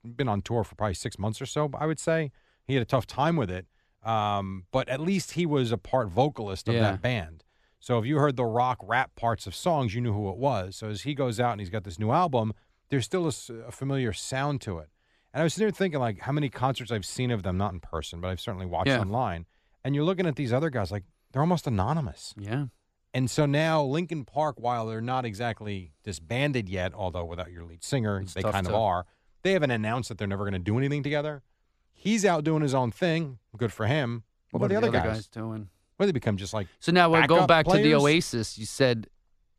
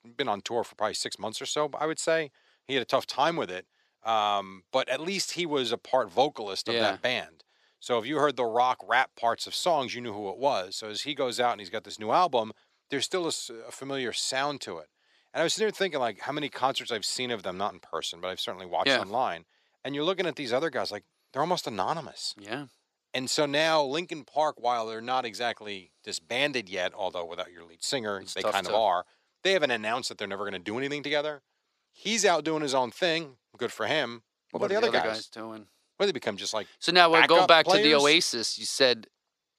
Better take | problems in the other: first | thin; somewhat; fading below 400 Hz

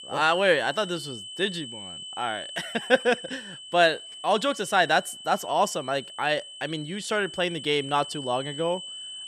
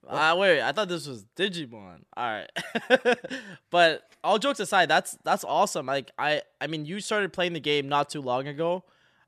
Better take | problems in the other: second | high-pitched whine; noticeable; throughout; 3 kHz, 10 dB below the speech

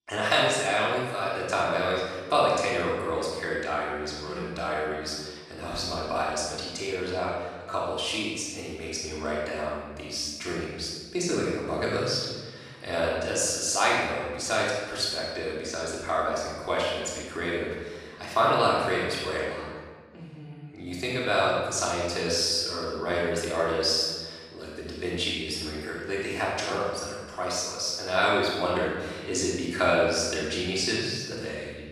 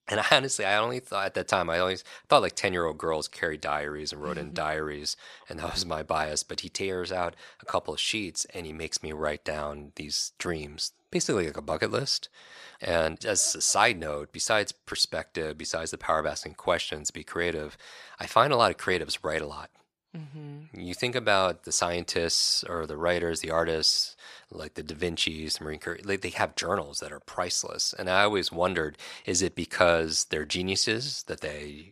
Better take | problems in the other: second | off-mic speech; far // room echo; strong; dies away in 1.4 s

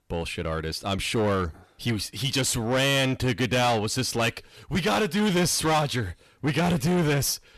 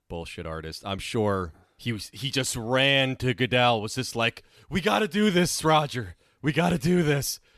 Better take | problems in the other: second | distortion; heavy; 7 dB below the speech

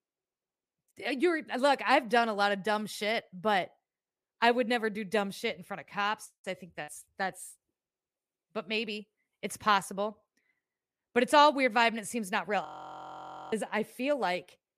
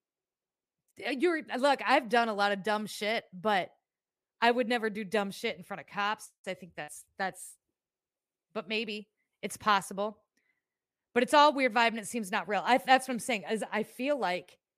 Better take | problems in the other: second | audio freezing; at 13 s for 1 s

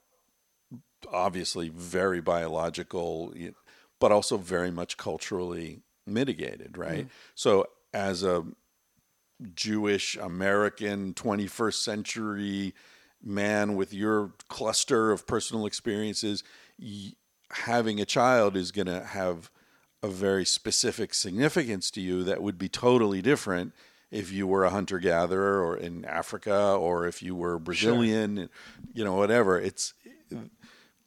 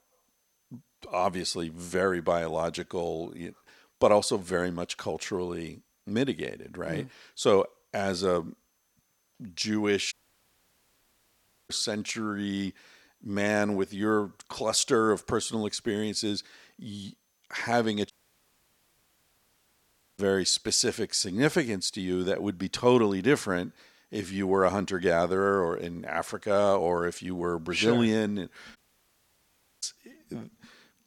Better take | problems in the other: first | audio cutting out; at 10 s for 1.5 s, at 18 s for 2 s and at 29 s for 1 s

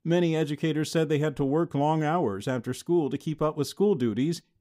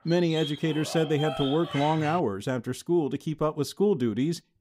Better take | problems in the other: first | dog barking; noticeable; until 2 s; peak 6 dB below the speech

